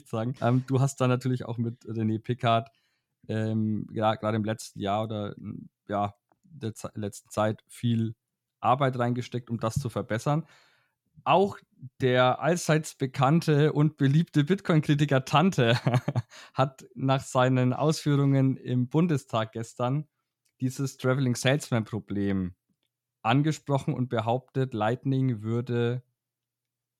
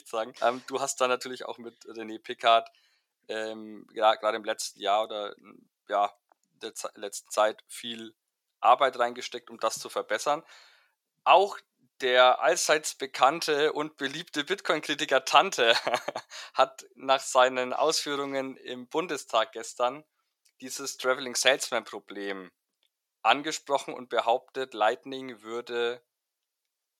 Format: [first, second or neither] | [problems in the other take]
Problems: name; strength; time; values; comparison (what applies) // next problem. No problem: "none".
first | thin; very; fading below 500 Hz